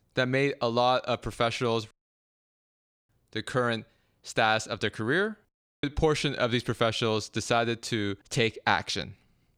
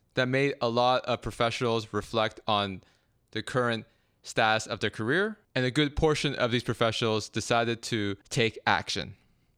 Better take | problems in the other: second | audio cutting out; at 2 s for 1 s and at 5.5 s

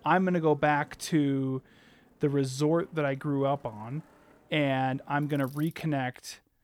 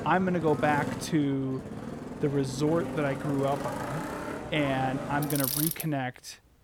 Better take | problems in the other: first | traffic noise; loud; throughout; 5 dB below the speech; faint in the first

